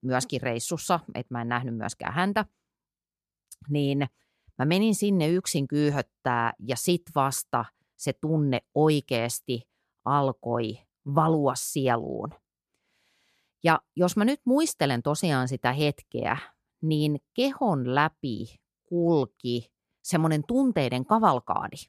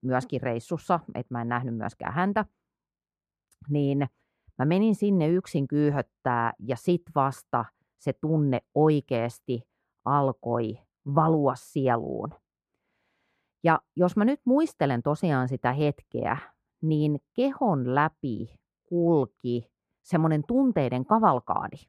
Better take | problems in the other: first | muffled; very; fading above 3 kHz

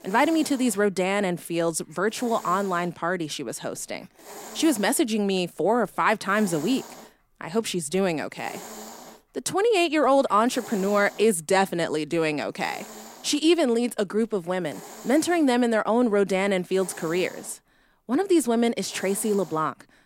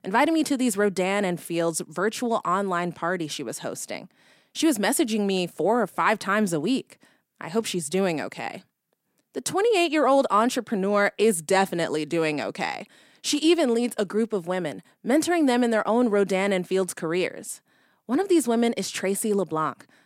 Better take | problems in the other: second | hiss; noticeable; throughout; 20 dB below the speech

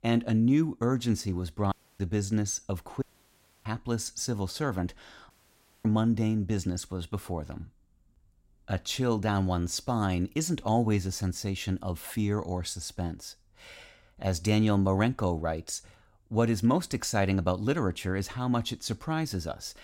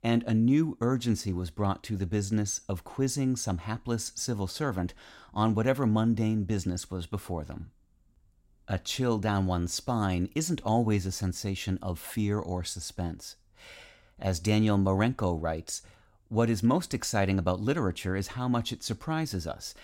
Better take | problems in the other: second | audio cutting out; at 1.5 s, at 3 s for 0.5 s and at 5.5 s for 0.5 s

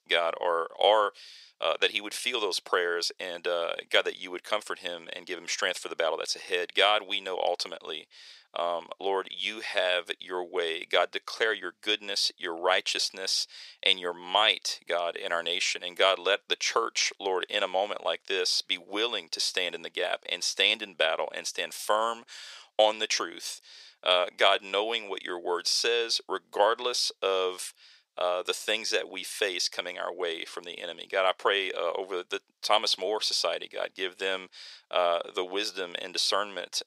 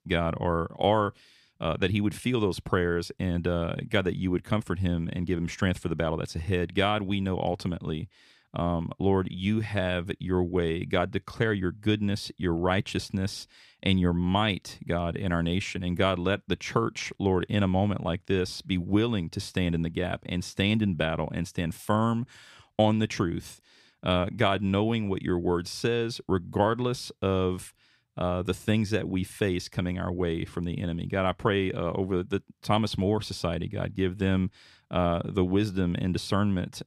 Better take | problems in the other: second | thin; very; fading below 500 Hz

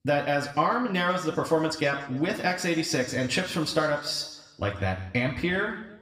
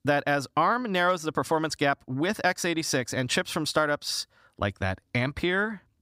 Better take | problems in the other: second | room echo; slight; dies away in 0.8 s // off-mic speech; somewhat distant

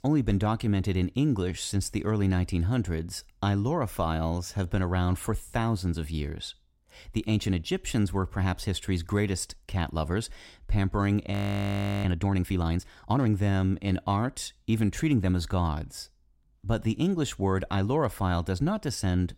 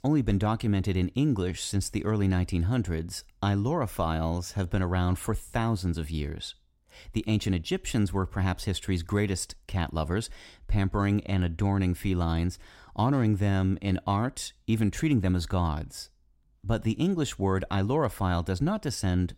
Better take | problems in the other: second | audio freezing; at 11 s for 0.5 s

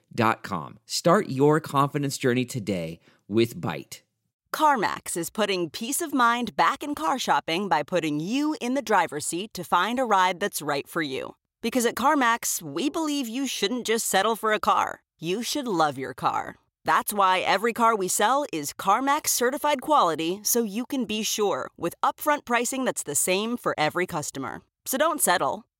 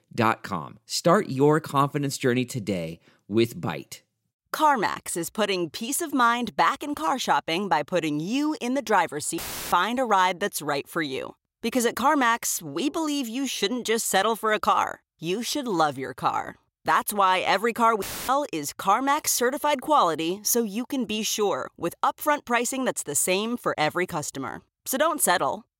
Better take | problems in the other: first | audio cutting out; filled with static; at 9.5 s and at 18 s

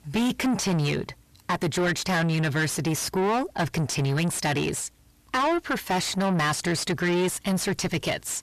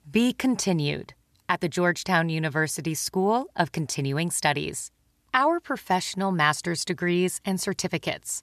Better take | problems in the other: second | distortion; heavy; 5 dB below the speech

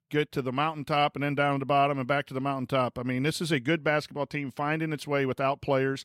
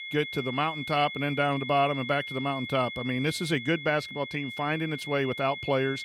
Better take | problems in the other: first | high-pitched whine; loud; throughout; 2 kHz, 8 dB below the speech

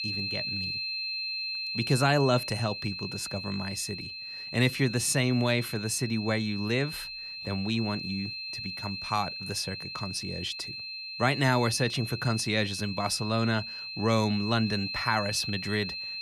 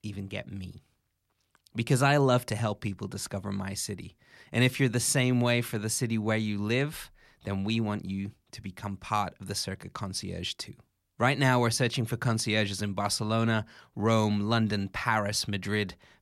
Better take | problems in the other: second | high-pitched whine; loud; throughout; 4 kHz, 5 dB below the speech

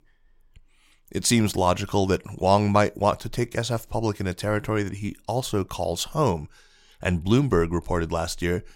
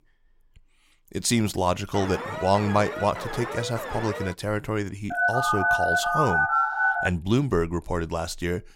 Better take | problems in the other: first | alarm; noticeable; from 2 to 4.5 s; peak 6 dB below the speech // phone ringing; loud; from 5 to 7 s; peak 5 dB above the speech

